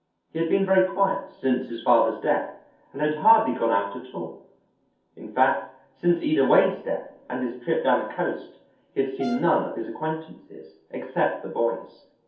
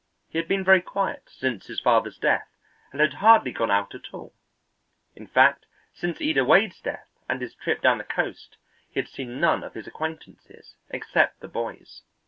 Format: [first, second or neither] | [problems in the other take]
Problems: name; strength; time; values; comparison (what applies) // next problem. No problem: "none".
second | background sound (Brass instrument); 15 dB below the speech // room echo; dies away in 0.6 s